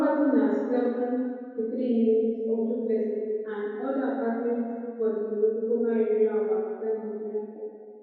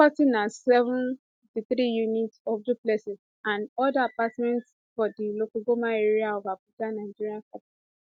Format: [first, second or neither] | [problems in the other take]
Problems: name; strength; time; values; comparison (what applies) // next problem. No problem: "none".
second | room echo; dies away in 2.2 s